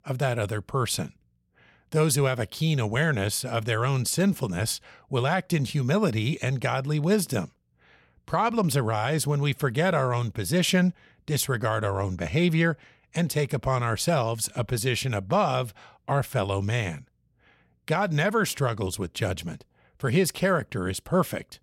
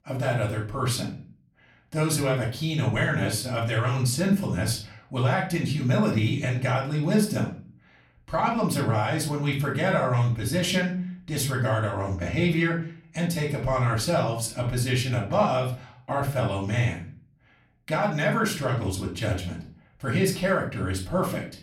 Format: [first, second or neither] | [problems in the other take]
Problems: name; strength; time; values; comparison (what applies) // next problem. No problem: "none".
first | off-mic speech; far // room echo; slight; dies away in 0.4 s